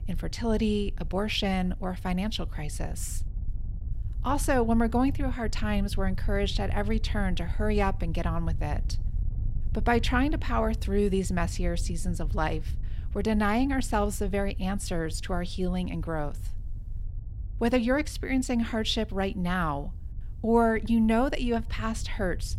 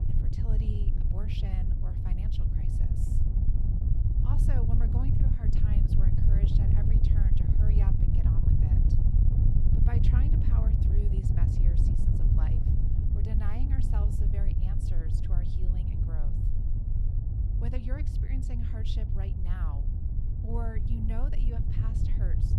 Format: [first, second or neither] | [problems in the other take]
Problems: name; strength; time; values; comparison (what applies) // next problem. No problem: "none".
first | wind noise on the microphone; heavy; 4 dB above the speech; occasional gusts in the first